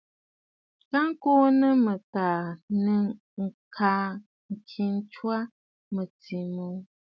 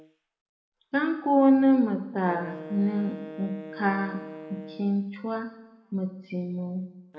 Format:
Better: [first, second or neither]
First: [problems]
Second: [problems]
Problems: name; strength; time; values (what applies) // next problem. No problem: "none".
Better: first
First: none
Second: background sound (Wind instrument, woodwind instrument); 17 dB below the speech // room echo; dies away in 0.9 s